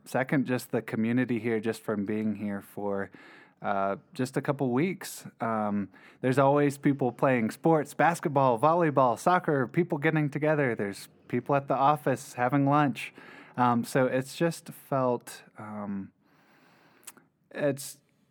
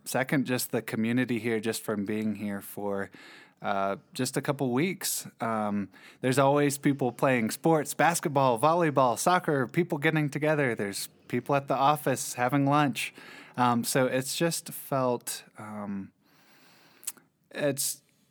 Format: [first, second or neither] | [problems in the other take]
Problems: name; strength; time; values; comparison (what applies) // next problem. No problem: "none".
second | muffled; slightly; fading above 3 kHz